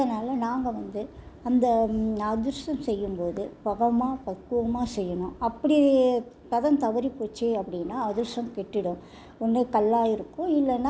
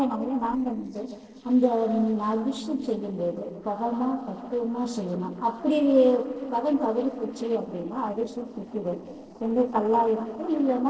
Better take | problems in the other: first | noise reduction (neural separator model SepFormer DNS4)

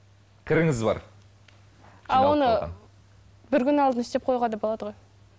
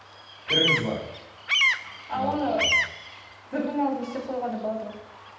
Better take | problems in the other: first | background sound (Bird vocalization, bird call, bird song); 1 dB above the speech // room echo; dies away in 0.8 s

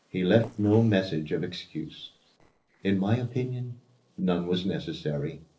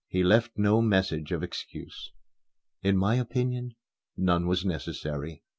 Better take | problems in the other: second | noise reduction (neural separator model SepFormer DNS4)

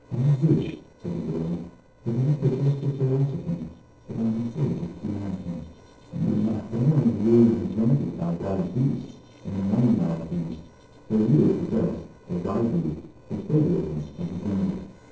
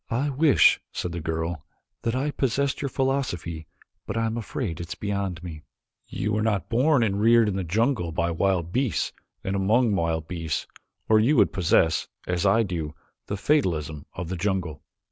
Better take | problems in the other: second | noise reduction (neural separator model SepFormer DNS4)

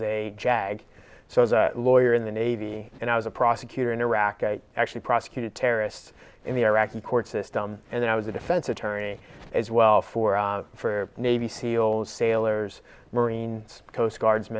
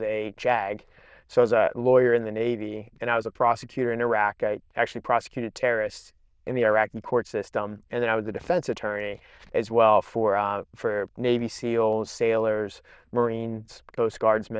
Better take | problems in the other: first | noise reduction (neural diffusion model UNIVERSE++)

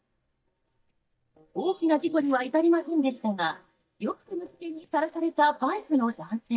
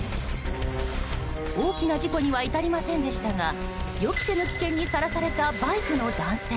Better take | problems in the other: second | noise reduction (neural mask model DeepFilterNet 3)

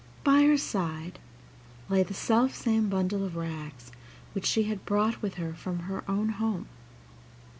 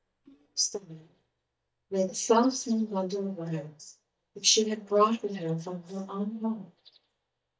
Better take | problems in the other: first | noise reduction (neural mask model DeepFilterNet 3)

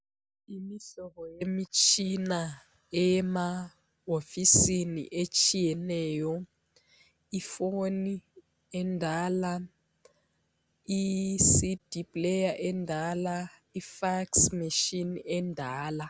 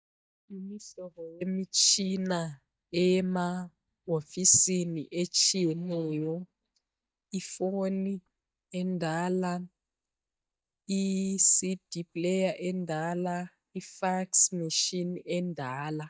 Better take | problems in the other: first | noise reduction (neural mask model DeepFilterNet 3)

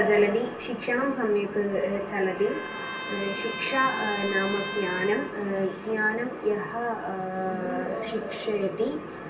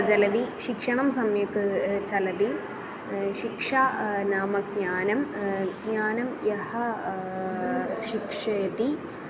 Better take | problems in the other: second | background sound (Trumpet); 13 dB below the speech // room echo; dies away in 0.3 s

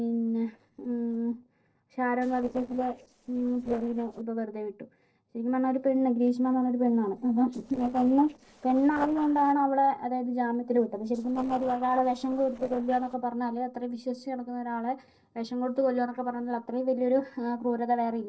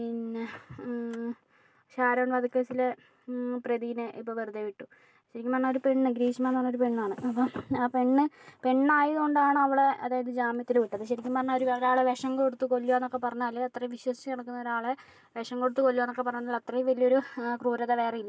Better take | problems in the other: second | noise reduction (neural separator model SepFormer DNS4)

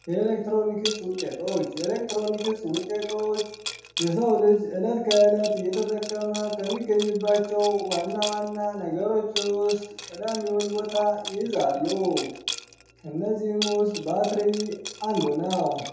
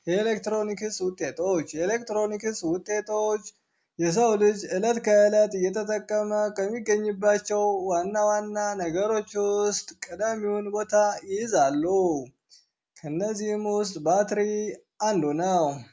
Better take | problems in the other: second | background sound (Liquid); 12 dB below the speech // room echo; dies away in 0.8 s

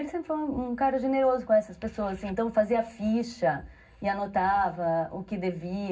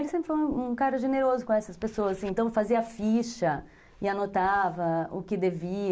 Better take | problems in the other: second | room echo; dies away in 0.4 s

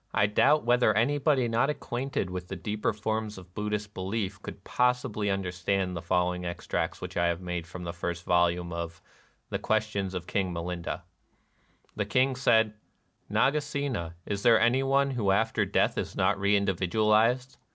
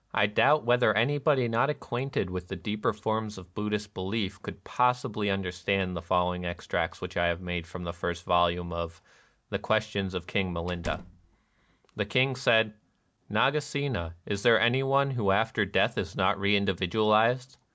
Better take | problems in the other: first | background sound (Slam); 13 dB below the speech

